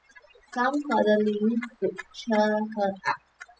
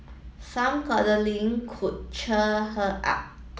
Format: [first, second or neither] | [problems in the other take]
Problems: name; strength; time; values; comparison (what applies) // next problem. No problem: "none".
second | noise reduction (classical method spectral subtraction)